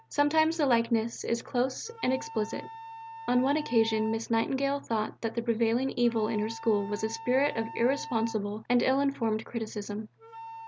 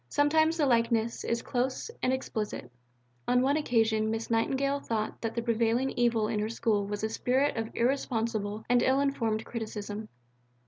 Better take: second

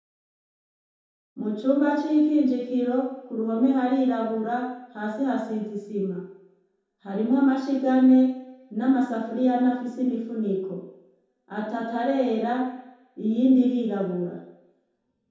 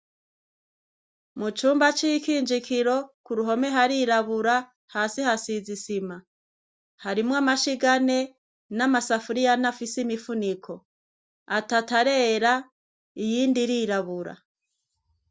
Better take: second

